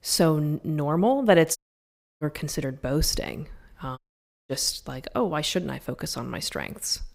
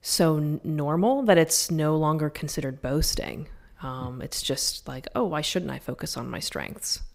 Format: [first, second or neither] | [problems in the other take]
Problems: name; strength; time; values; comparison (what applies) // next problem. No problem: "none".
second | audio cutting out; at 1.5 s for 0.5 s and at 4 s for 0.5 s